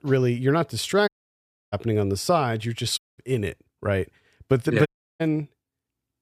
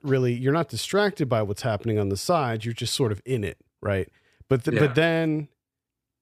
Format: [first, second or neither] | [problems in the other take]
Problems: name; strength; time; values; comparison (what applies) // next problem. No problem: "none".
second | audio cutting out; at 1 s for 0.5 s, at 3 s and at 5 s